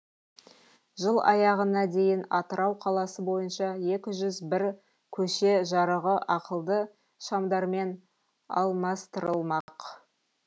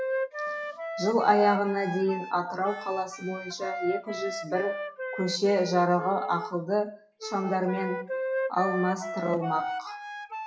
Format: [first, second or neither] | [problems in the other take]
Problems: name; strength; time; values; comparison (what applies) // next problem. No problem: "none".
first | noise reduction (classical method WPE with log-MMSE)